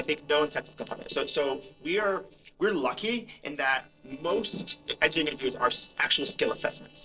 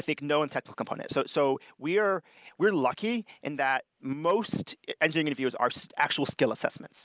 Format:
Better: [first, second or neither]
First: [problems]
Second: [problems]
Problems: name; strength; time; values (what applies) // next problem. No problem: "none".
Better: second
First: noise reduction (neural separator model SepFormer DNS4)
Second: none